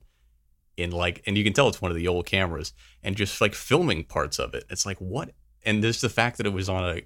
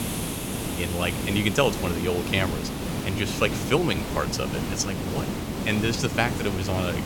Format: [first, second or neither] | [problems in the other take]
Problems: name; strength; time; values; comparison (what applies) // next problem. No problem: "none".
first | hiss; loud; throughout; 3 dB below the speech